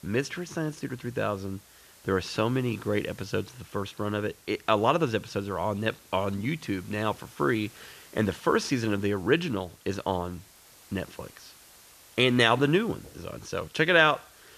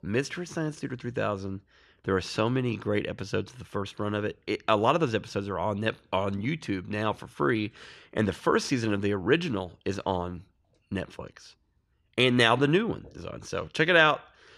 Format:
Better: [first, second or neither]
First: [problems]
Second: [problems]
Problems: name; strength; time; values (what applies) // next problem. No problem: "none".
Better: second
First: hiss; faint; throughout; 25 dB below the speech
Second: none